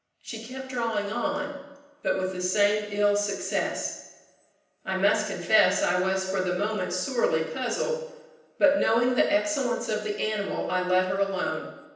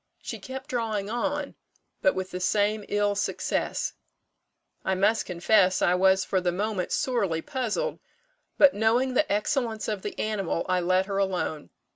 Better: second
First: room echo; dies away in 0.9 s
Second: none

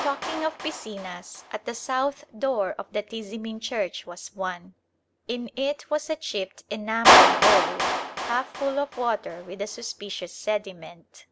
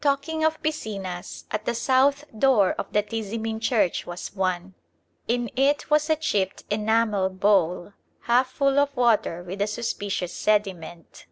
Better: second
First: background sound (Clapping); 2 dB above the speech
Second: none

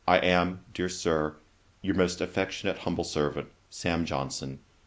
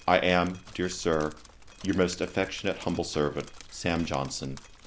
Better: first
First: none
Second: background sound (Drip); 18 dB below the speech

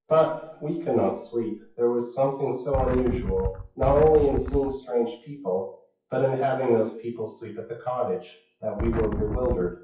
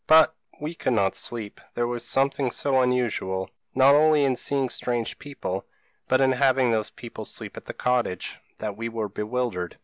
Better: second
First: noise reduction (classical method WPE with log-MMSE)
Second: none

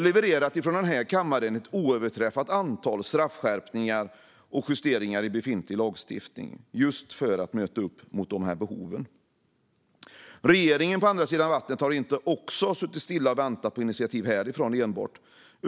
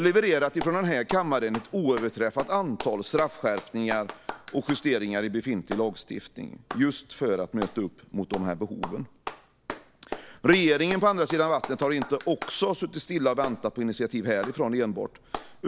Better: first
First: none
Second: background sound (Clapping); 14 dB below the speech

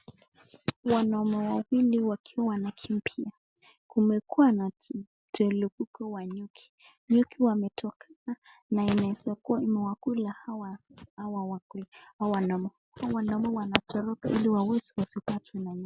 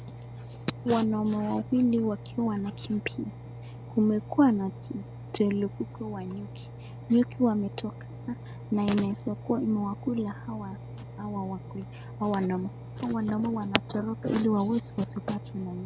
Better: first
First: none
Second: background sound (Engine); 12 dB below the speech

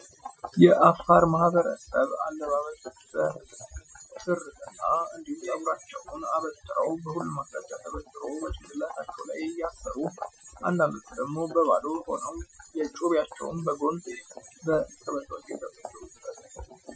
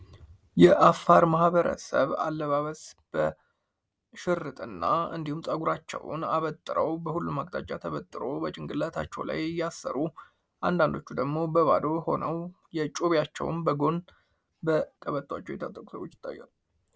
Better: second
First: noise reduction (classical method Wiener filter)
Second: none

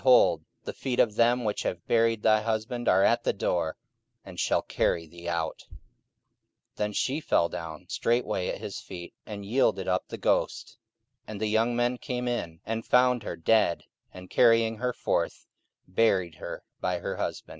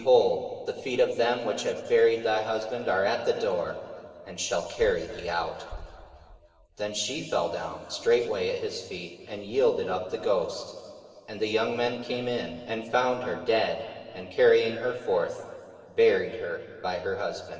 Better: first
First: none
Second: room echo; dies away in 2.4 s

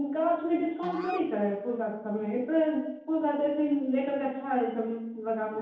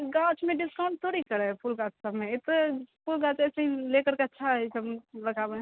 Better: second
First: noise reduction (neural separator model SepFormer DNS4)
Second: none

